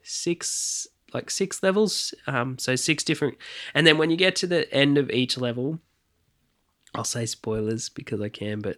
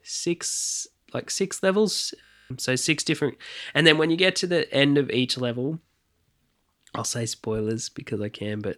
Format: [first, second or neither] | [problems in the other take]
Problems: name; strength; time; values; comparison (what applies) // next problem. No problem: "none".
first | audio freezing; at 2.5 s